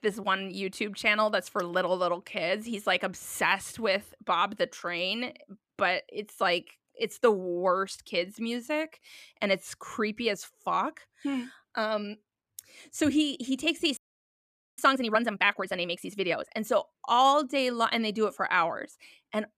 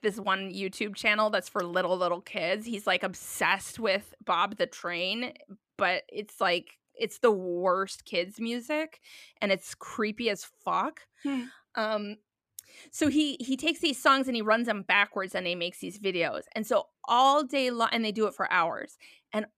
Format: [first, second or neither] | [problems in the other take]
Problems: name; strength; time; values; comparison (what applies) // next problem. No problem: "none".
second | audio freezing; at 14 s for 1 s